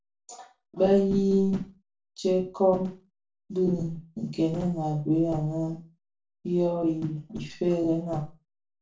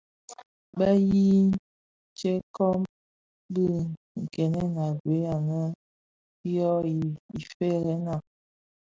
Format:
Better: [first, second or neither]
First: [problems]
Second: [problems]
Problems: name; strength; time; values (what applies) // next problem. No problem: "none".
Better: second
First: room echo; dies away in 0.3 s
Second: none